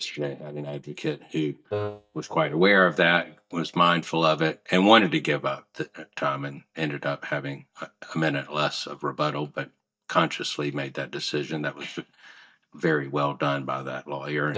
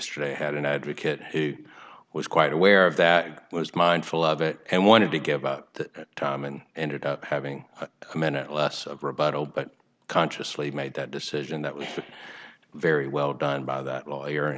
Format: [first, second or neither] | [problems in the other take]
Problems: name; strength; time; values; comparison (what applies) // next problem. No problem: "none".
second | noise reduction (neural mask model DeepFilterNet 3)